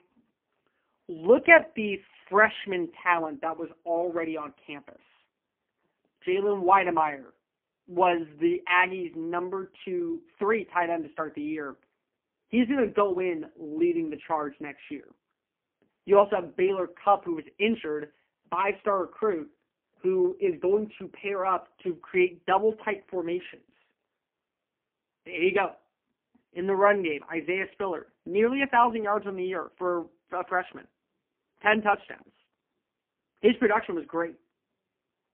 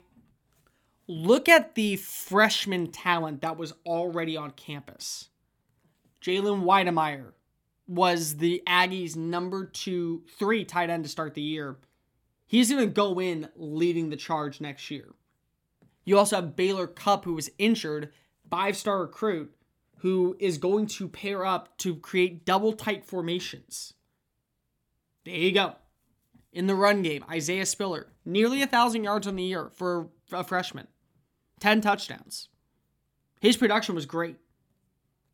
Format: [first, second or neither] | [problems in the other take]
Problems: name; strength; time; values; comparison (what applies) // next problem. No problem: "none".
second | phone-call audio; poor line